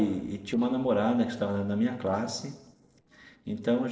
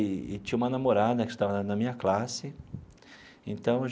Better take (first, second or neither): second